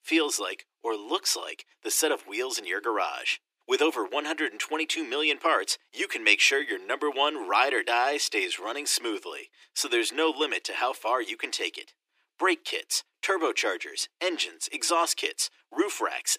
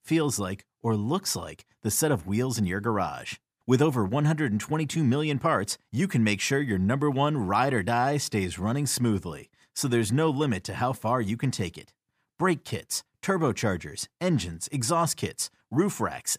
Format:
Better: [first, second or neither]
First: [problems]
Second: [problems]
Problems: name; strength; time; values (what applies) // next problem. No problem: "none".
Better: second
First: thin; very; fading below 300 Hz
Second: none